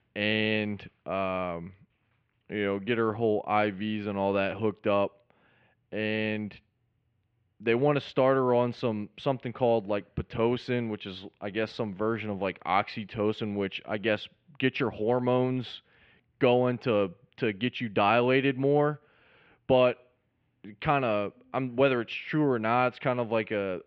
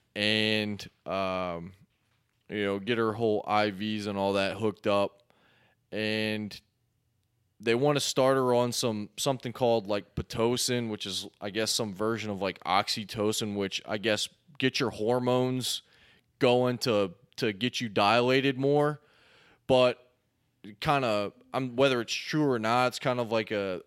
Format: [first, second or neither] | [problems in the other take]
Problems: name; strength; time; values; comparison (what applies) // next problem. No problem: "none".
second | muffled; very; fading above 2.5 kHz